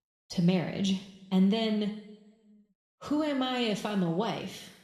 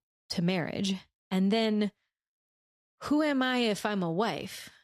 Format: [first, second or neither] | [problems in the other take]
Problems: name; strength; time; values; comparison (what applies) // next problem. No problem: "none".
second | room echo; slight; dies away in 1 s // off-mic speech; somewhat distant